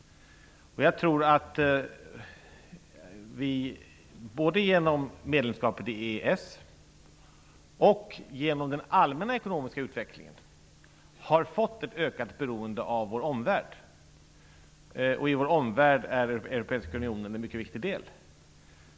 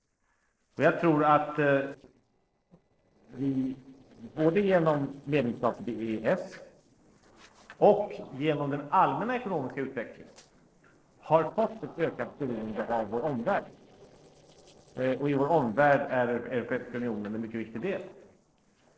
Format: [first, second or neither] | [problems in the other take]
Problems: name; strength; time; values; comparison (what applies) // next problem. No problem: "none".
first | noise reduction (neural separator model SepFormer DNS4)